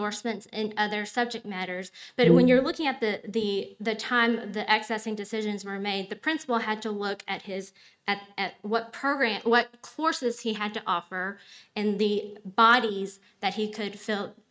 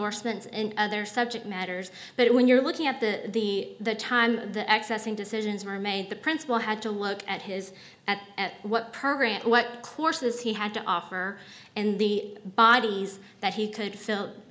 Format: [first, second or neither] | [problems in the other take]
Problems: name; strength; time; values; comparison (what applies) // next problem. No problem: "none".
second | noise reduction (neural mask model RNNoise)